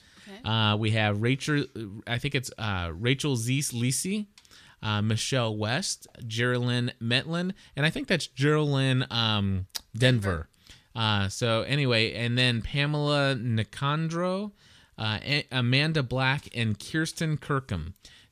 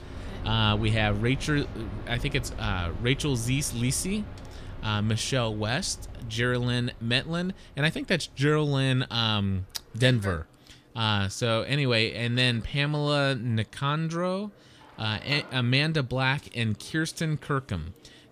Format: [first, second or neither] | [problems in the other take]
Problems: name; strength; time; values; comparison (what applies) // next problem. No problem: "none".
first | machinery noise; noticeable; throughout; 15 dB below the speech